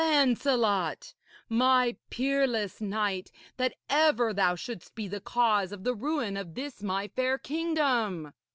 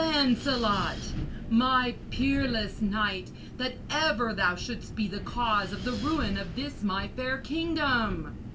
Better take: first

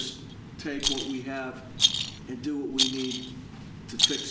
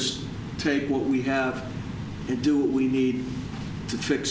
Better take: second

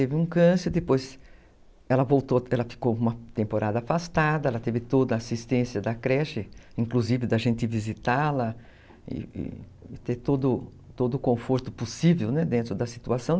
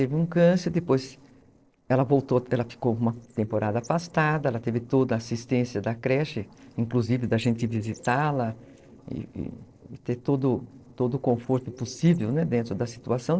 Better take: first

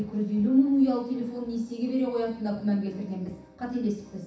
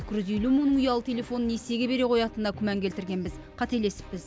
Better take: second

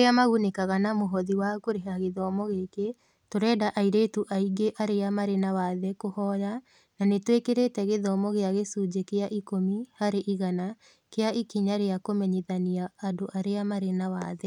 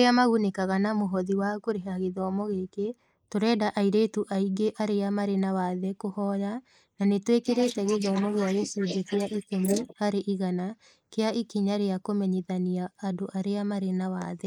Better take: first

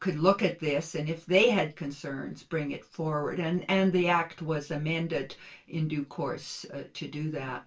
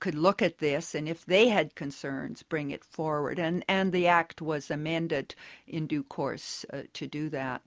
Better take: second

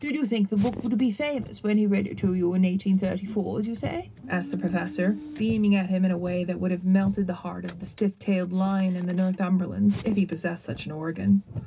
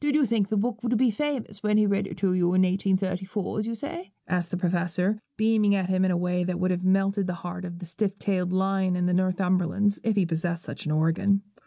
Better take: second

